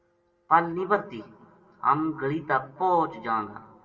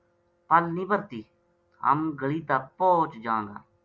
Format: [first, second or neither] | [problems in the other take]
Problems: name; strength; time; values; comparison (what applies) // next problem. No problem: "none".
second | room echo; dies away in 0.9 s